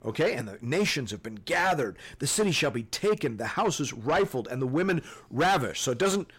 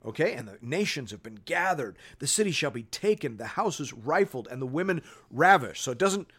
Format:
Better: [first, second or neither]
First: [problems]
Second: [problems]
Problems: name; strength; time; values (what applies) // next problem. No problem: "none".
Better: second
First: distortion; heavy; 6 dB below the speech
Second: none